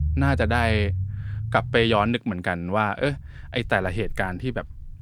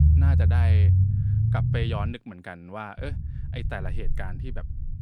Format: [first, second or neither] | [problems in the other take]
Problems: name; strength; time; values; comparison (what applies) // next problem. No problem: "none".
first | low rumble; loud; until 2 s and from 3 s on; 1 dB below the speech; faint in the first